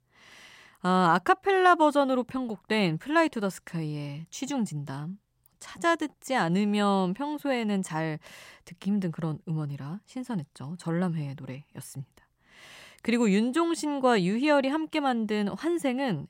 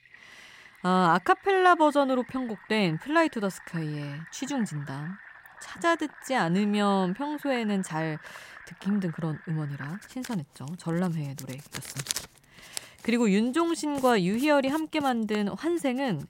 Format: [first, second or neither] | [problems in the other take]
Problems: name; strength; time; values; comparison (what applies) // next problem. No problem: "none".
first | household noises; noticeable; throughout; 15 dB below the speech